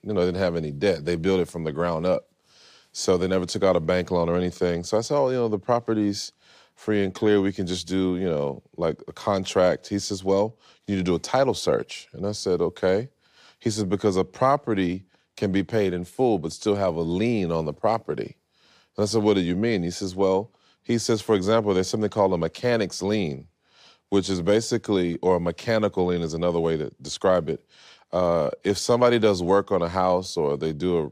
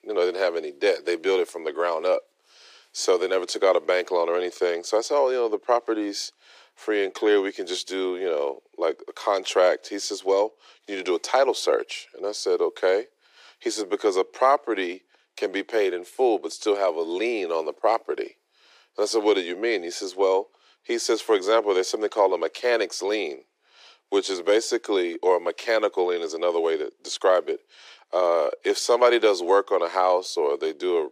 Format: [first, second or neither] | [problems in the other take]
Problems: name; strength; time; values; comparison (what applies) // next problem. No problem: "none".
first | thin; very; fading below 350 Hz